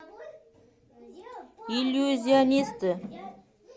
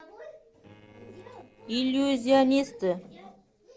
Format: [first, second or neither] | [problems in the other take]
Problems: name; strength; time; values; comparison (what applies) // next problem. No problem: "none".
first | noise reduction (neural separator model SepFormer DNS4)